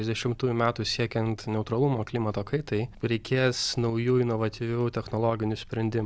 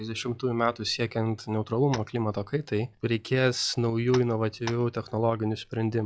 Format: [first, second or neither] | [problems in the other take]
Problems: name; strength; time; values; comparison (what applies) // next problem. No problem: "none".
first | noise reduction (classical method log-MMSE)